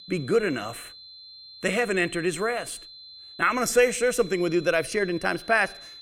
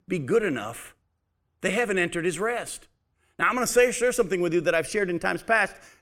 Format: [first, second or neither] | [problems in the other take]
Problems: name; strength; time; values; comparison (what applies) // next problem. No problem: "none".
second | high-pitched whine; noticeable; throughout; 4 kHz, 20 dB below the speech